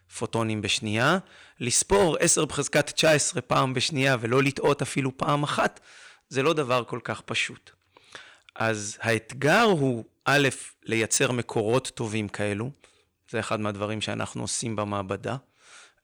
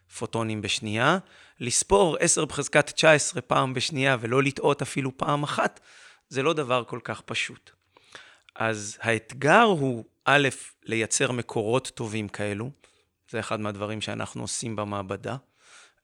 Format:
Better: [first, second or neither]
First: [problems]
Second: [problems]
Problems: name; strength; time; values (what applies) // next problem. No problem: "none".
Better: second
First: distortion; slight; 3% of the sound clipped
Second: none